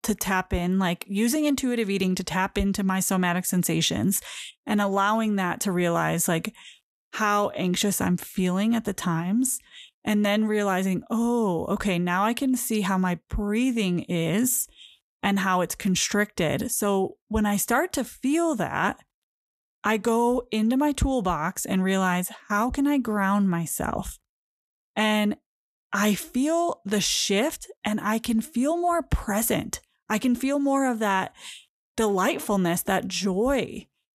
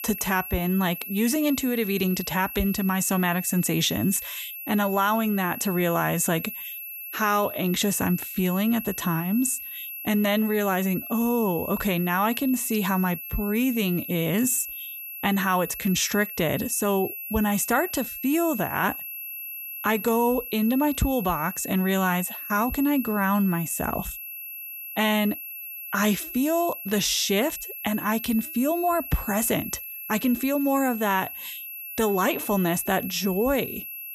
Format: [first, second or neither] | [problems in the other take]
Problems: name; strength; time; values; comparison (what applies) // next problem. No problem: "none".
first | high-pitched whine; loud; throughout; 11.5 kHz, 9 dB below the speech